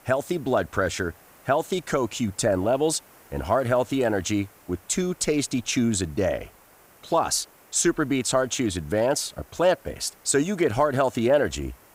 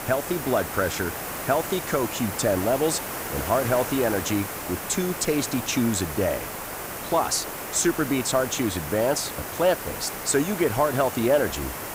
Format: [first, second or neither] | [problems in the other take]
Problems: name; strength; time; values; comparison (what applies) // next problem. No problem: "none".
first | hiss; loud; throughout; 6 dB below the speech; faint in the first